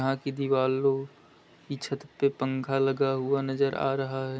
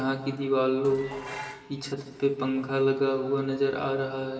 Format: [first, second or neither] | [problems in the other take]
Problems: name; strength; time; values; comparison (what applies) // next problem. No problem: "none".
first | background sound (Dishes, pots, and pans); 17 dB below the speech // room echo; dies away in 2.3 s